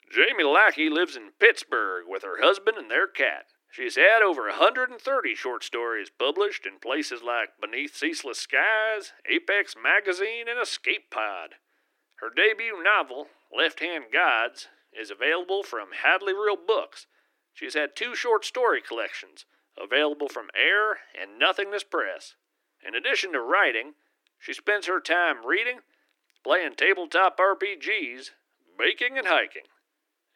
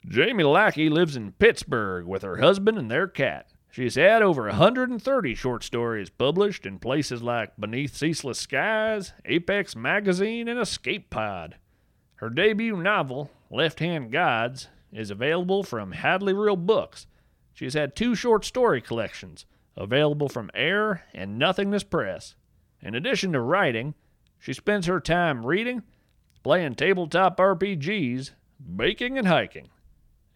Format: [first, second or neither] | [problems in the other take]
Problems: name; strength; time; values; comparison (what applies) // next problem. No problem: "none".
second | thin; very; fading below 300 Hz